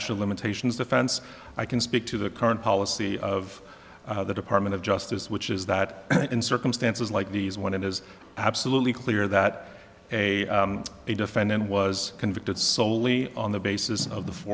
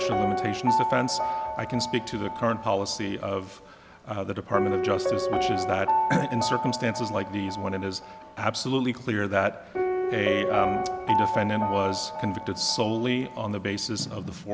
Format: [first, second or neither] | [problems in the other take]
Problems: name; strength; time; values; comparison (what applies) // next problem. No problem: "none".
first | background sound (Piano); 1 dB below the speech